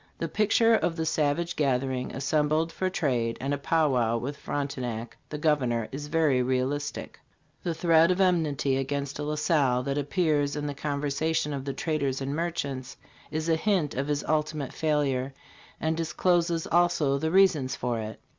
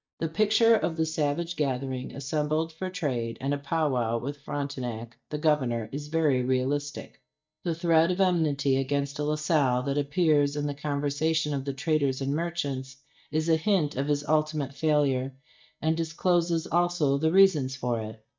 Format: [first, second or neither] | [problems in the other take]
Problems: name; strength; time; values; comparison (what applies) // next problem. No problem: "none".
first | noise reduction (neural mask model DeepFilterNet 3)